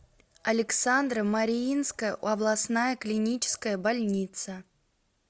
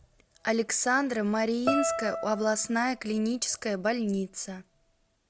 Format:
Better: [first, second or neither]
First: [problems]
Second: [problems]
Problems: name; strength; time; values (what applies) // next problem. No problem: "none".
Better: first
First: none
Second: background sound (Guitar); 7 dB below the speech